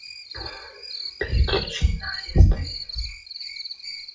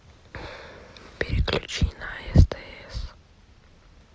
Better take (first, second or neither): second